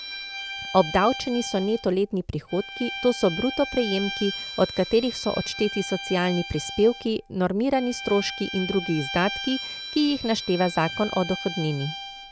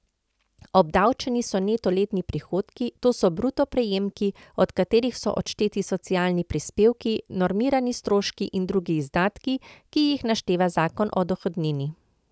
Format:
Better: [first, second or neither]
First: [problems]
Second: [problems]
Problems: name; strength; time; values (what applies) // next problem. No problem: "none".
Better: second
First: background sound (Bowed string instrument); 10 dB below the speech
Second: none